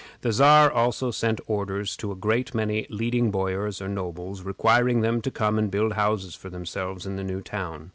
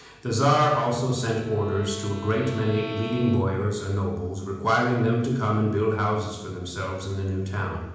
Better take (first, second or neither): first